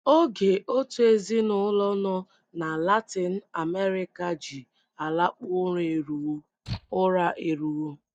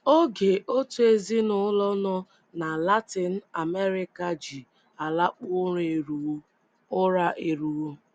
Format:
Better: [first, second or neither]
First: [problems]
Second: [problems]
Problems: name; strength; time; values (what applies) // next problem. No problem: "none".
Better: second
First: noise reduction (neural mask model DeepFilterNet 3)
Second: none